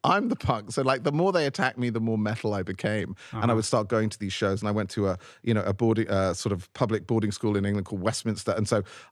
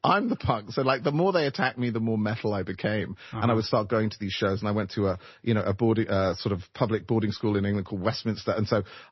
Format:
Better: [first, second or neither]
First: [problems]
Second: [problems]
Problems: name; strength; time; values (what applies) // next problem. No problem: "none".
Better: first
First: none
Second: garbled, watery; slightly; nothing above 5.5 kHz